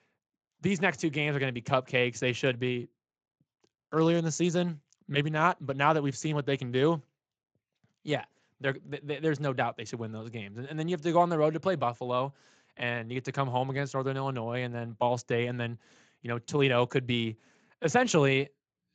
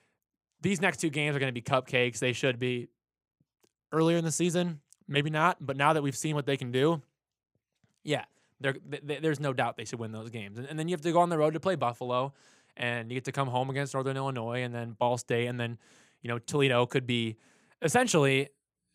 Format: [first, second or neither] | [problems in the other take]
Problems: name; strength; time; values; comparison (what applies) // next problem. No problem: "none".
second | garbled, watery; slightly; nothing above 7.5 kHz